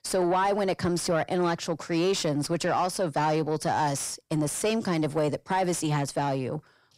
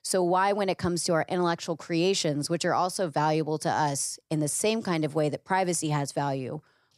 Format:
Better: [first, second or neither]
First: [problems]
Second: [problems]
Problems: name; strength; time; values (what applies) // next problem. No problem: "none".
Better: second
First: distortion; slight; 10 dB below the speech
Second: none